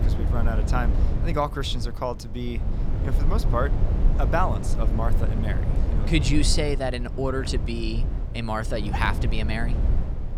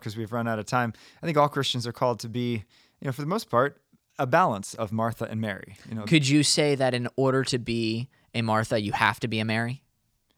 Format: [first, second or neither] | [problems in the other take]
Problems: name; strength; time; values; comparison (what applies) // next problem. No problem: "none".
second | low rumble; loud; throughout; 10 dB below the speech